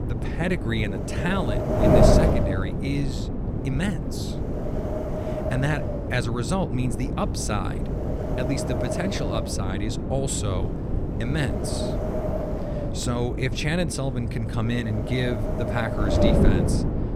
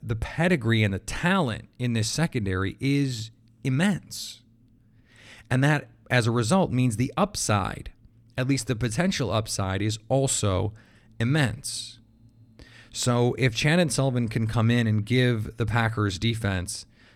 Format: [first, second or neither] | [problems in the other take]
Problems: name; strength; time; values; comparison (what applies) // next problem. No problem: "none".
second | wind noise on the microphone; heavy; 1 dB above the speech